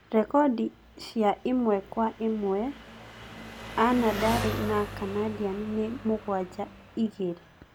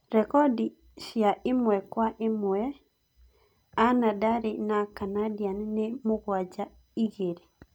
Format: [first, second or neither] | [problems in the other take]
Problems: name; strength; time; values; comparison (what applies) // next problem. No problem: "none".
second | background sound (Engine); 11 dB below the speech